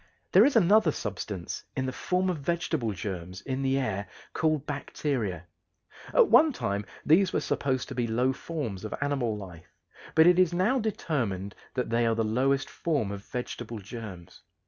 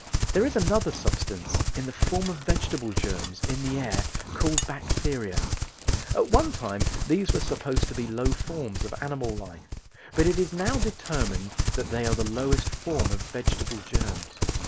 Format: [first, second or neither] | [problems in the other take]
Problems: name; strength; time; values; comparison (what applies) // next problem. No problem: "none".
first | background sound (Livestock, farm animals, working animals); 2 dB above the speech